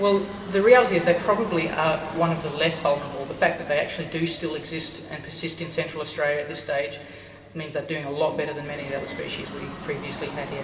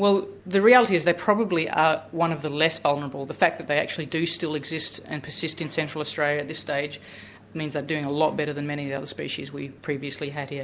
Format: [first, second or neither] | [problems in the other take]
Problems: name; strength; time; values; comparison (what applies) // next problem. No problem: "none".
second | background sound (Fixed-wing aircraft, airplane); 15 dB below the speech // room echo; dies away in 2.7 s